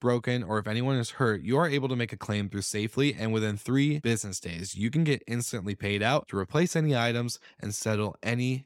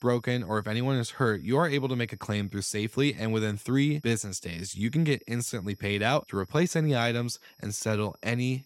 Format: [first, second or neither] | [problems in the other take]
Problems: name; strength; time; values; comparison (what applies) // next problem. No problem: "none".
first | high-pitched whine; faint; throughout; 5 kHz, 30 dB below the speech